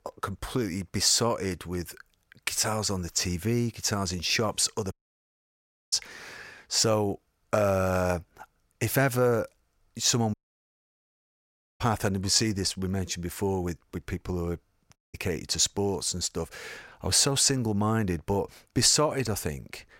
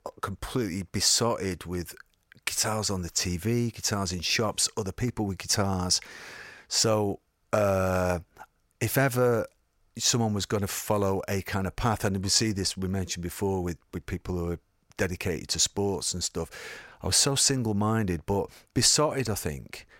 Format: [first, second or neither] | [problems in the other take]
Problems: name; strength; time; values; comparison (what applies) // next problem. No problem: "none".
second | audio cutting out; at 5 s for 1 s, at 10 s for 1.5 s and at 15 s